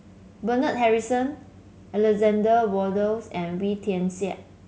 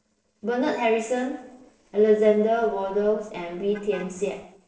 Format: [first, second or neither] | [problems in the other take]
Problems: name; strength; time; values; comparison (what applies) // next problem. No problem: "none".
first | noise reduction (neural separator model SepFormer DNS4)